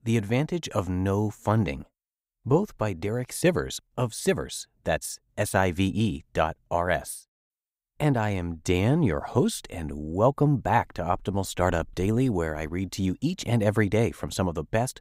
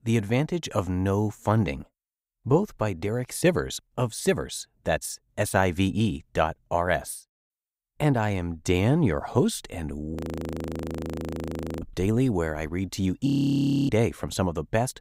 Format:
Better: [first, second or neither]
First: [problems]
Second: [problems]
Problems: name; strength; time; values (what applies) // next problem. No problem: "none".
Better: first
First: none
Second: audio freezing; at 10 s for 1.5 s and at 13 s for 0.5 s